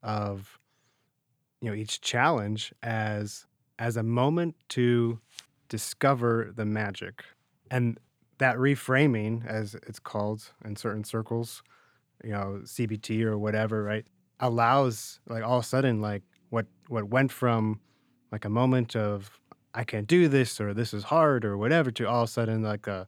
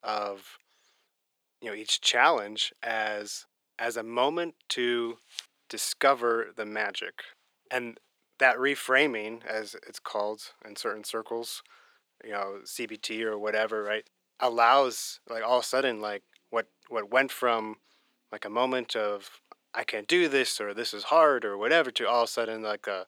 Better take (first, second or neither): first